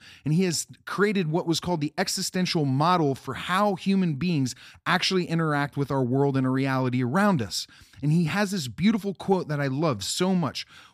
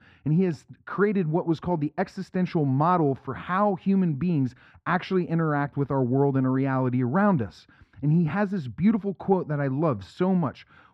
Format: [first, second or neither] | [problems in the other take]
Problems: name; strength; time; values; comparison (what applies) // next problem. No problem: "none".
first | muffled; very; fading above 3.5 kHz